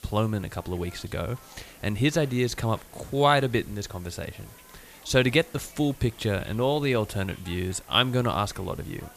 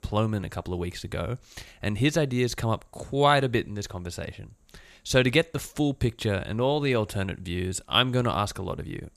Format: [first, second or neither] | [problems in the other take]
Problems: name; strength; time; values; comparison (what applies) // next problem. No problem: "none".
second | hiss; faint; throughout; 20 dB below the speech